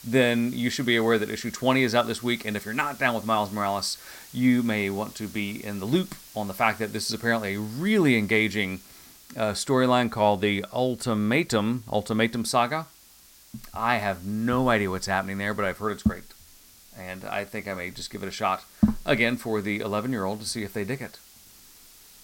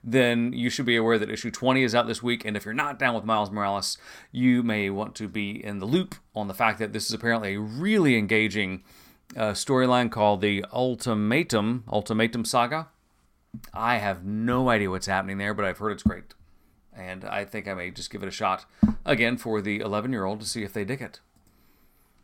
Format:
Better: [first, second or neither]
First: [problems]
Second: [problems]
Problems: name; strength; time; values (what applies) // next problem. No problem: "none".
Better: second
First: hiss; faint; throughout; 20 dB below the speech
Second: none